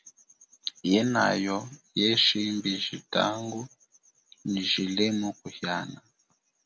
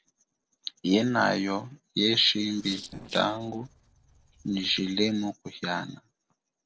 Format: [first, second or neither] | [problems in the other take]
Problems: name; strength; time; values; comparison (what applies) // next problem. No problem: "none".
first | noise reduction (neural separator model SepFormer DNS4)